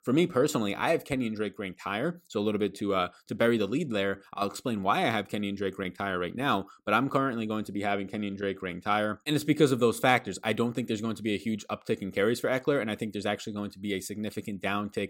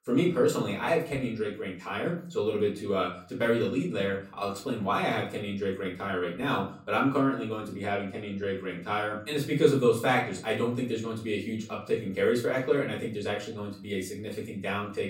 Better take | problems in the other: first | room echo; slight; dies away in 0.4 s // off-mic speech; far

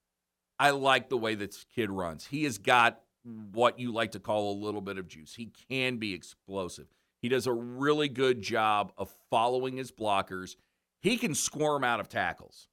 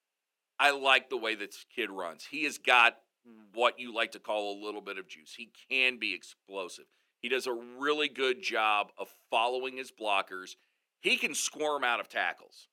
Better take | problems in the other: first | thin; somewhat; fading below 300 Hz

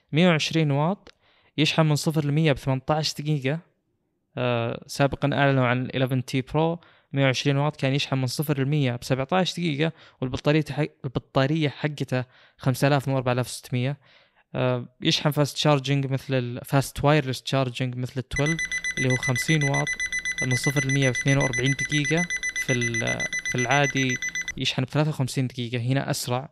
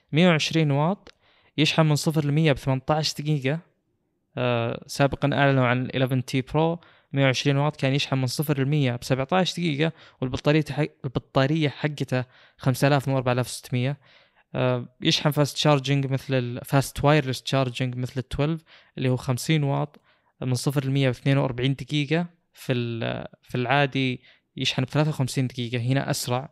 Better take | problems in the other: second | alarm; noticeable; from 18 to 25 s; peak 1 dB below the speech

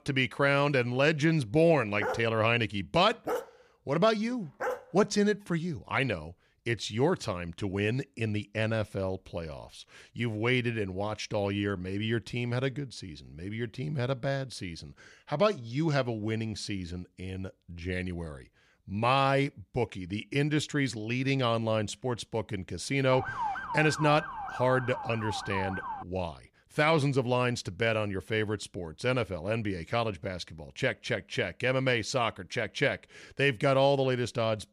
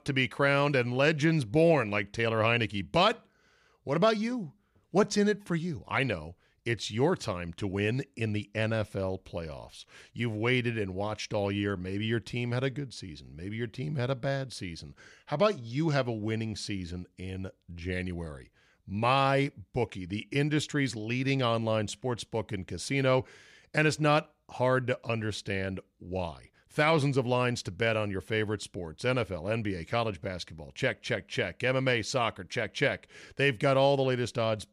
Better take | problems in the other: second | dog barking; noticeable; from 2 to 5 s; peak 6 dB below the speech // siren; noticeable; from 23 to 26 s; peak 4 dB below the speech

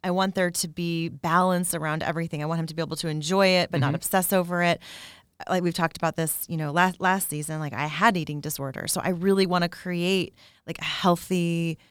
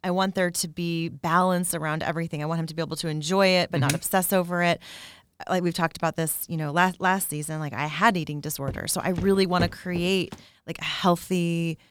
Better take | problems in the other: first | keyboard typing; noticeable; at 4 s; peak 7 dB below the speech // footsteps; noticeable; from 8.5 to 10 s; peak 8 dB below the speech

